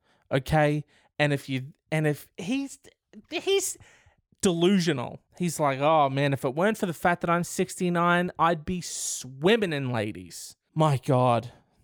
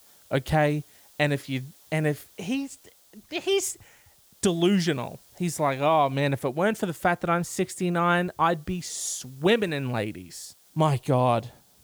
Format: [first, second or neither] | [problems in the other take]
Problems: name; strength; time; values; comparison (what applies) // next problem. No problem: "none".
first | hiss; faint; throughout; 30 dB below the speech